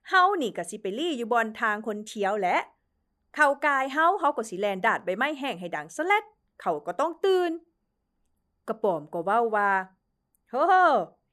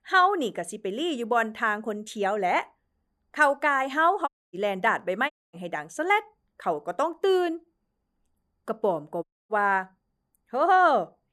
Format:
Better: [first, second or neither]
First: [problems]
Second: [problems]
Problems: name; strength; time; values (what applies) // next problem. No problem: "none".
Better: first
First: none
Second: audio cutting out; at 4.5 s, at 5.5 s and at 9 s